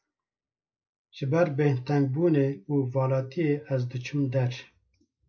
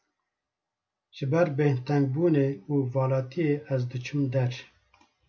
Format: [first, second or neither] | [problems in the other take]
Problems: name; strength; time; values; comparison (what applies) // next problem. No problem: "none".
second | noise reduction (neural mask model Resemble Enhance denoiser)